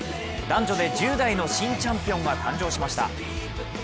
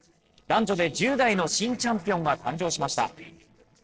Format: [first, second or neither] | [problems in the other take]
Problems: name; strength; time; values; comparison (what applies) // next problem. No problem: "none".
first | noise reduction (neural separator model SepFormer DNS4)